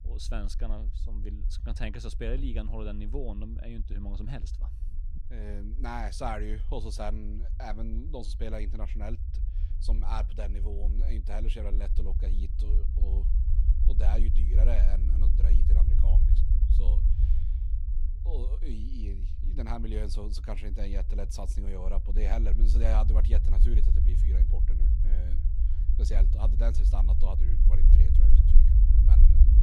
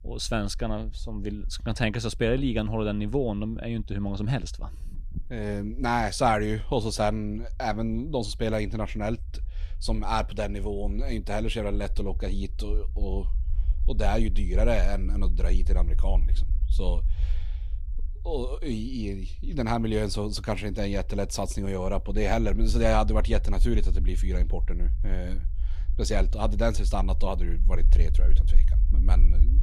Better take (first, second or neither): second